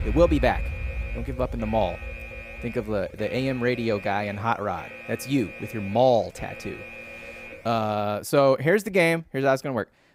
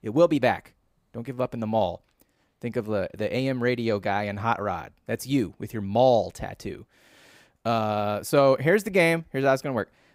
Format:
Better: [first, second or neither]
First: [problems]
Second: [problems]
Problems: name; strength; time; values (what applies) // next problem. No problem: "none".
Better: second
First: alarm; noticeable; until 8 s; peak 4 dB below the speech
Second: none